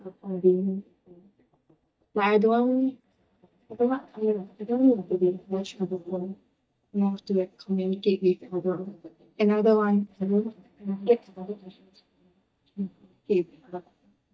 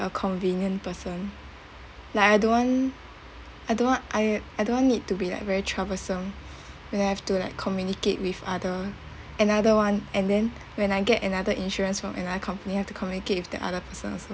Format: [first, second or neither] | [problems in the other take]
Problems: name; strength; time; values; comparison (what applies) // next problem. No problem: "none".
second | noise reduction (neural mask model DeepFilterNet 3)